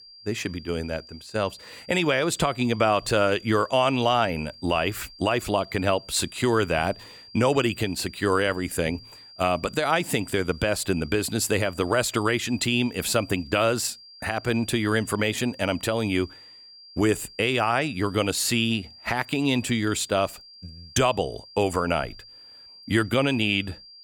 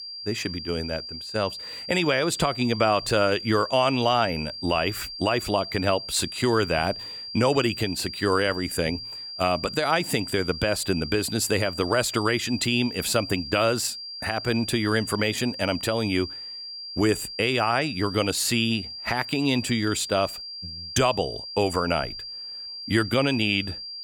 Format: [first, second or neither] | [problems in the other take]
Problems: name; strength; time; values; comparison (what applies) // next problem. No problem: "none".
first | high-pitched whine; loud; throughout; 4.5 kHz, 9 dB below the speech; faint in the first